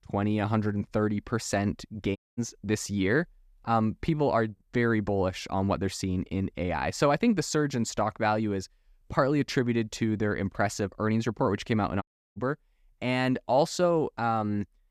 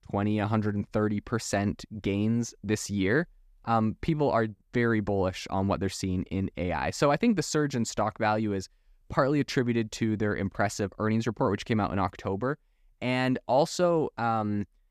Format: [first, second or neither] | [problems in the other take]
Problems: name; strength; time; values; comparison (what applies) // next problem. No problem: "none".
second | audio cutting out; at 2 s and at 12 s